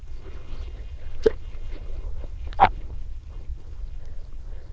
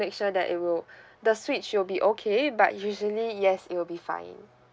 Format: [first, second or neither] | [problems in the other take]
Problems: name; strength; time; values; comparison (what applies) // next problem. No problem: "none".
second | noise reduction (neural diffusion model UNIVERSE++)